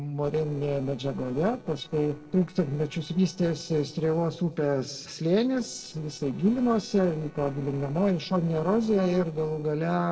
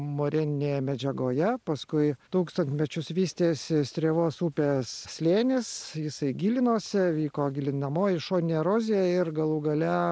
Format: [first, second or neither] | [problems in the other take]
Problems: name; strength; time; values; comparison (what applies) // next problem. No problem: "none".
second | noise reduction (neural separator model SepFormer DNS4)